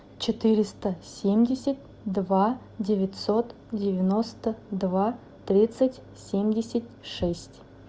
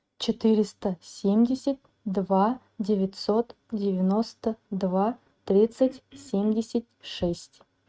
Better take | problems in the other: first | noise reduction (neural mask model RNNoise)

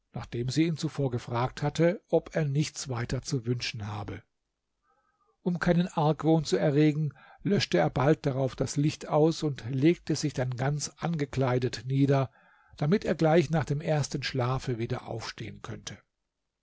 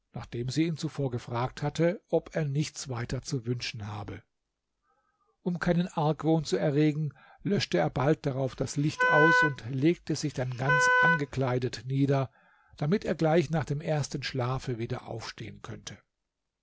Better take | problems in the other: first | background sound (Wind instrument, woodwind instrument); 2 dB above the speech

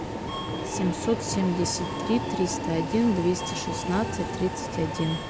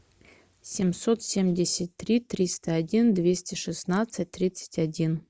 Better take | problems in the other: second | background sound (Subway, metro, underground); 3 dB below the speech

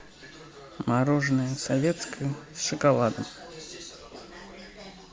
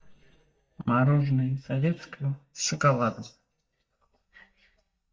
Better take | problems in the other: first | noise reduction (neural mask model DeepFilterNet 3)

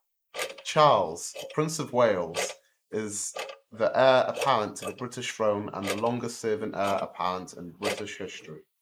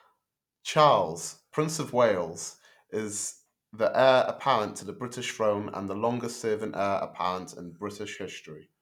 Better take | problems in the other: second | noise reduction (neural mask model Resemble Enhance denoiser)

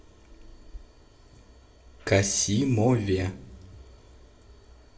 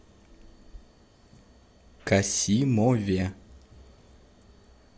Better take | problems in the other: second | room echo; dies away in 0.6 s

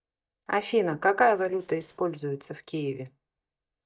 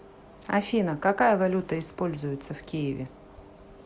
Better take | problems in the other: second | noise reduction (neural mask model DeepFilterNet 3)

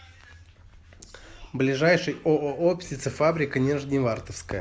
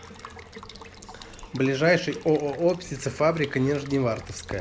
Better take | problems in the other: first | background sound (Water tap, faucet / Water / Liquid); 18 dB below the speech

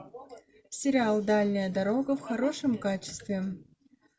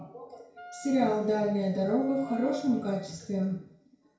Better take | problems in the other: first | background sound (Wind instrument, woodwind instrument); 18 dB below the speech // room echo; dies away in 0.6 s

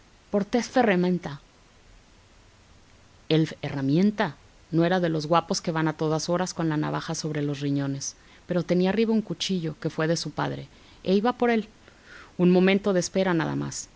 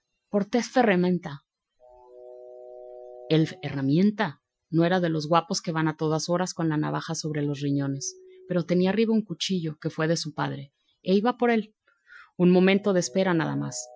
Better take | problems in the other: first | noise reduction (classical method Wiener filter)

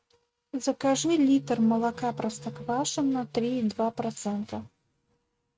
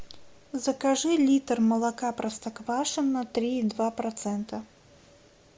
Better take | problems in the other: second | noise reduction (neural mask model RNNoise)

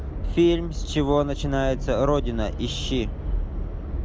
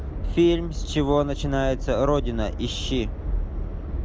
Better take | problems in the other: second | background sound (Guitar); 19 dB below the speech

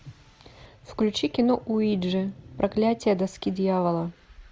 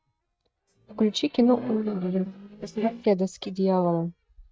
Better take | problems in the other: first | noise reduction (neural mask model DeepFilterNet 3)

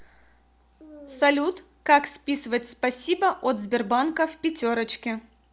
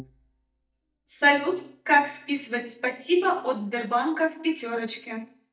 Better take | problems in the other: first | noise reduction (neural mask model DeepFilterNet 3)

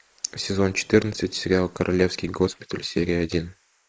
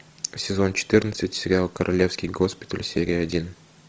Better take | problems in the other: second | noise reduction (neural mask model Resemble Enhance denoiser)

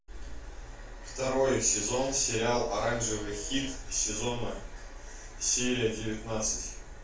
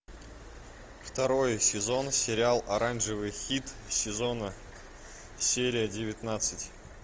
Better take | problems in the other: second | background sound (Alarm); 19 dB below the speech // room echo; dies away in 0.3 s

